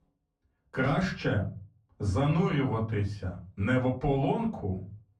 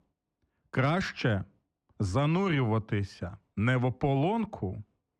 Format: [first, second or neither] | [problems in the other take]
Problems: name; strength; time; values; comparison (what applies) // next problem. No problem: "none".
second | off-mic speech; far // room echo; very slight; dies away in 0.3 s